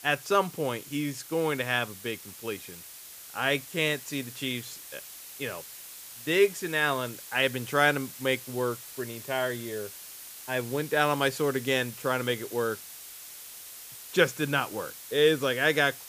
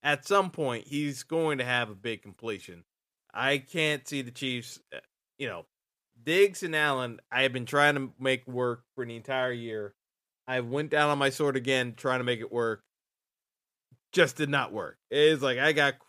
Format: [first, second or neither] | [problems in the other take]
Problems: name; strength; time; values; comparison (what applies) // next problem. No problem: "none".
second | hiss; noticeable; throughout; 15 dB below the speech